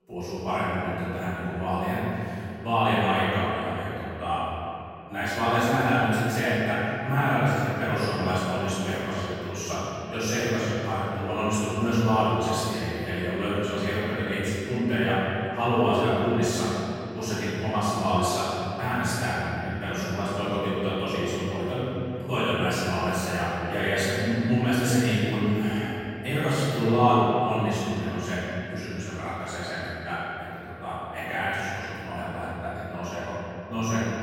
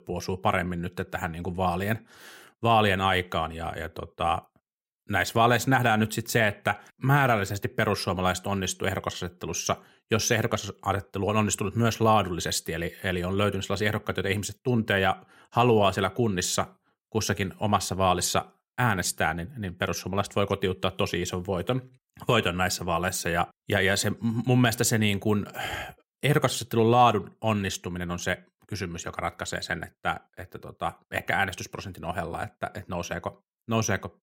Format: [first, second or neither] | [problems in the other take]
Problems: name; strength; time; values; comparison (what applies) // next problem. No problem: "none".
second | off-mic speech; far // room echo; strong; dies away in 2.8 s